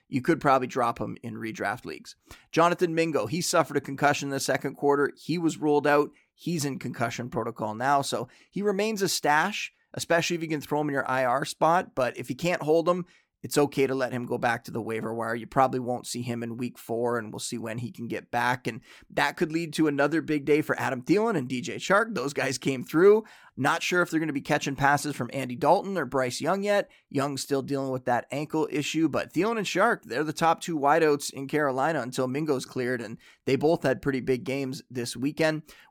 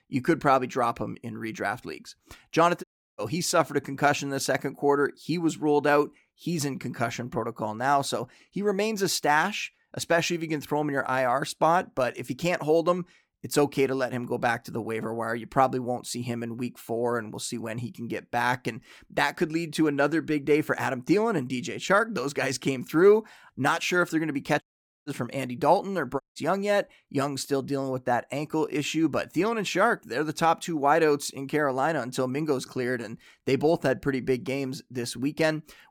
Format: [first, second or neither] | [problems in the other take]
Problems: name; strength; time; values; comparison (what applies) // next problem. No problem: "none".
first | audio cutting out; at 3 s, at 25 s and at 26 s